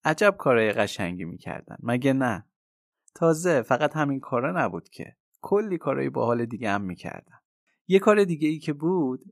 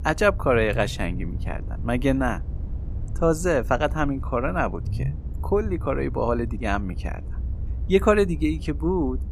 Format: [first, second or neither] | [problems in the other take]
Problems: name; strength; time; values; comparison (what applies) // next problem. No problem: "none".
first | low rumble; faint; throughout; 20 dB below the speech